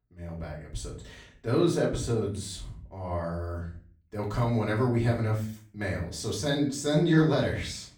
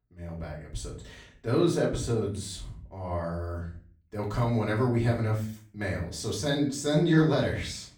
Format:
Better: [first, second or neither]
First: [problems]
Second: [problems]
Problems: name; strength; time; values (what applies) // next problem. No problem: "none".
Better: neither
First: room echo; slight; dies away in 0.4 s // off-mic speech; far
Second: room echo; slight; dies away in 0.4 s // off-mic speech; far